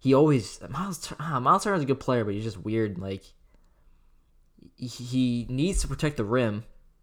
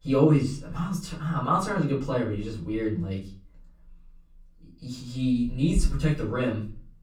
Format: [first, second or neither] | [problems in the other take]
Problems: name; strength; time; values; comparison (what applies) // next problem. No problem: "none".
first | off-mic speech; far // room echo; slight; dies away in 0.4 s